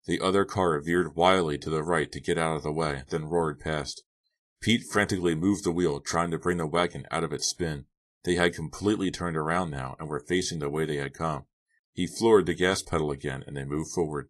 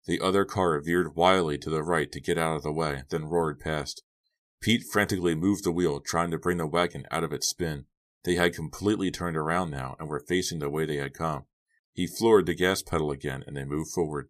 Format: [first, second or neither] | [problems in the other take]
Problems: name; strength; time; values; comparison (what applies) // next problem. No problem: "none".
second | garbled, watery; slightly